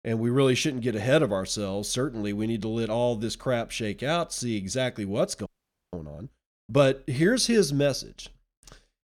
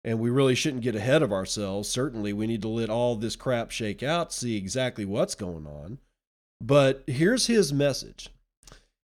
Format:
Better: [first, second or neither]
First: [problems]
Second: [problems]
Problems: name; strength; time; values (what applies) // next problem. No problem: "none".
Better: second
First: audio freezing; at 5.5 s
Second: none